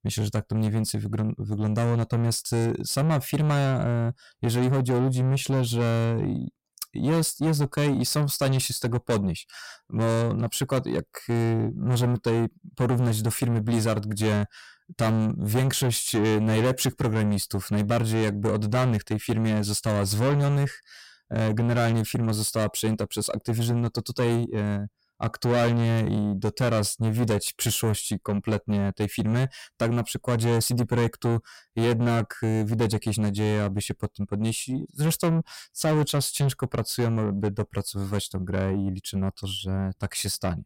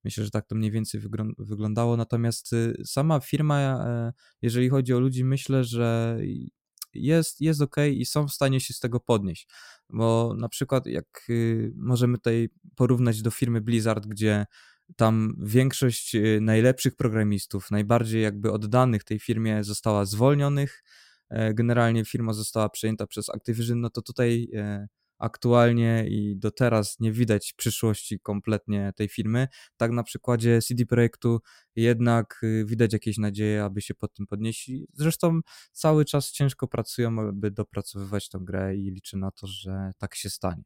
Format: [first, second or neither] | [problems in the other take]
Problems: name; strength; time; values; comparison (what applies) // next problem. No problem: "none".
second | distortion; heavy; 7 dB below the speech